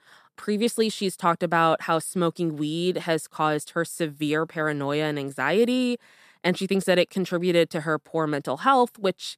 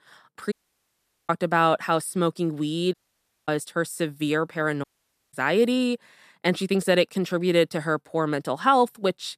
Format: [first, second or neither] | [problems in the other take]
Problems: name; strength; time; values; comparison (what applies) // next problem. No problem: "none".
first | audio cutting out; at 0.5 s for 1 s, at 3 s for 0.5 s and at 5 s